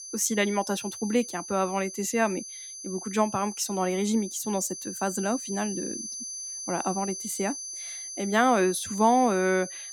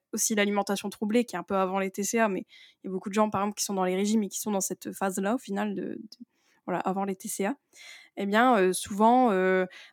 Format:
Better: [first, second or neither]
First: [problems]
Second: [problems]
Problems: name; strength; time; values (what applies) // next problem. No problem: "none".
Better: second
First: high-pitched whine; loud; throughout; 6 kHz, 9 dB below the speech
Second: none